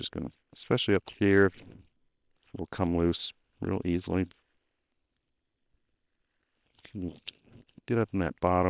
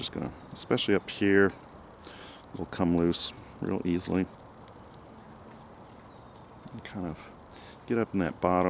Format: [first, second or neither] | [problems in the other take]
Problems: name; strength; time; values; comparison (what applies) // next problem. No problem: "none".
second | noise reduction (neural separator model SepFormer WHAM!)